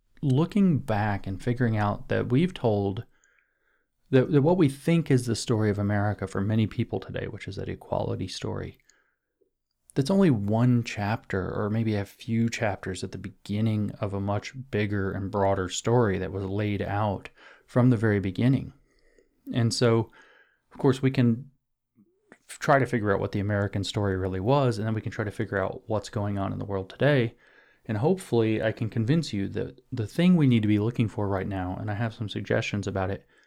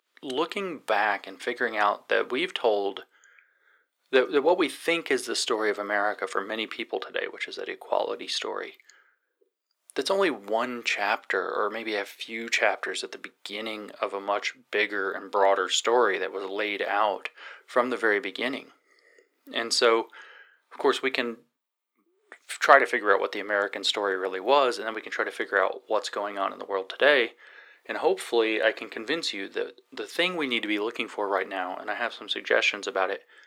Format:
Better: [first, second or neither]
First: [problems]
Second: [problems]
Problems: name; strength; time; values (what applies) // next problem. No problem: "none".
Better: first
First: none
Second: thin; very; fading below 400 Hz